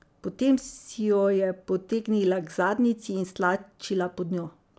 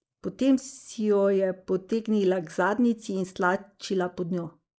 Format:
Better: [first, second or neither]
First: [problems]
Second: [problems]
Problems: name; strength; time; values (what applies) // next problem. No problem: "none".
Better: first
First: none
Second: noise reduction (neural mask model Resemble Enhance denoiser)